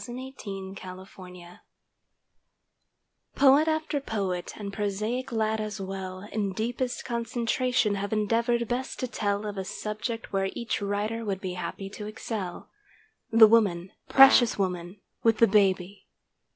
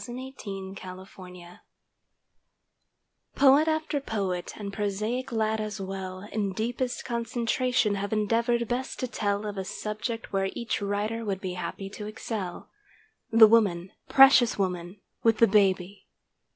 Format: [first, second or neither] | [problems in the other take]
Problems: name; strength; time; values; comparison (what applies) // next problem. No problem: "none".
second | background sound (Brass instrument); 8 dB below the speech